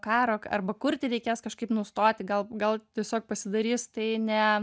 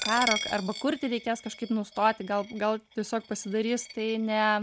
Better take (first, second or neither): first